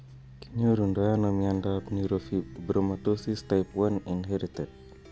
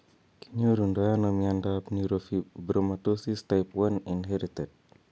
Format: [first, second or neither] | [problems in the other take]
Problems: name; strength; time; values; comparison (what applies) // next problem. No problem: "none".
second | background sound (Plucked string instrument); 18 dB below the speech